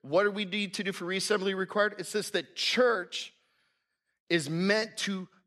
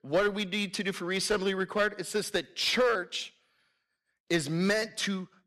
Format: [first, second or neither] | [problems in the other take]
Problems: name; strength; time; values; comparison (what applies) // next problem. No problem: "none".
first | distortion; slight; 3% of the sound clipped